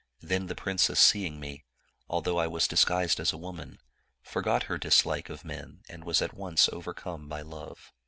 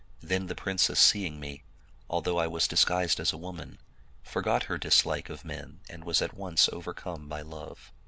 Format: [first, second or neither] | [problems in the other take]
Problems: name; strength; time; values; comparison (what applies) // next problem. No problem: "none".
first | background sound (Tick); 18 dB below the speech